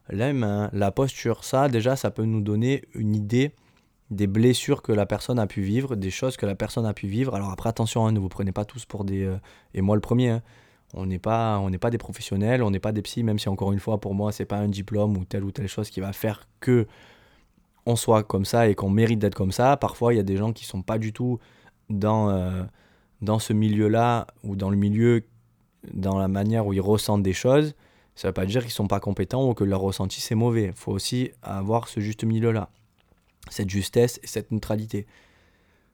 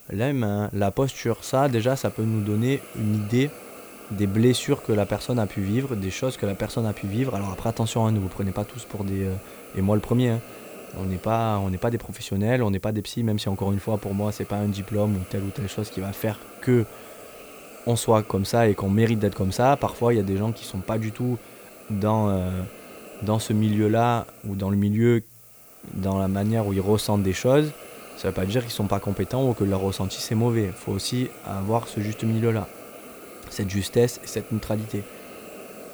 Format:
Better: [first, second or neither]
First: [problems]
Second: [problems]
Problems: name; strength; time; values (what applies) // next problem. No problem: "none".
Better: first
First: none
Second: hiss; noticeable; throughout; 15 dB below the speech